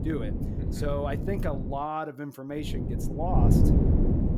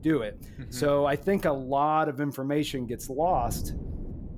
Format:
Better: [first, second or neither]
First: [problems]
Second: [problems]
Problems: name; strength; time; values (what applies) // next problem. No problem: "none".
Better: second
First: wind noise on the microphone; heavy; until 2 s and from 2.5 s on; 2 dB below the speech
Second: wind noise on the microphone; occasional gusts; until 2 s and from 2.5 s on; 25 dB below the speech